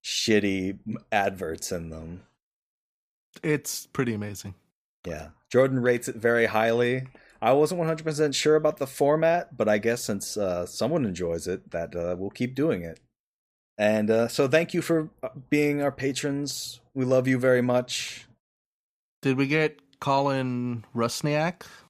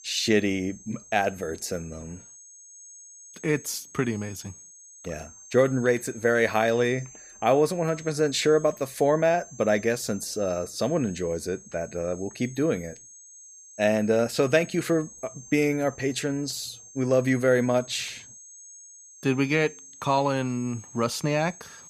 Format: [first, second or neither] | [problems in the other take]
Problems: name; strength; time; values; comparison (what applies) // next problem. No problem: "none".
first | high-pitched whine; noticeable; throughout; 6.5 kHz, 20 dB below the speech